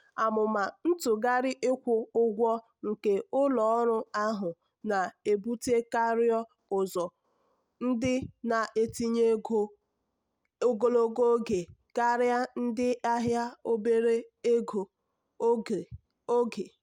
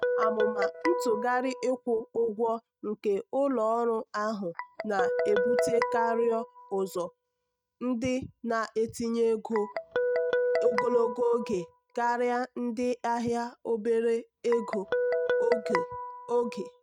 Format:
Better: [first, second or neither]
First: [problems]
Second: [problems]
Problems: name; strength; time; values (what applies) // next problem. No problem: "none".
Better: first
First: none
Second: noise reduction (neural mask model RNNoise)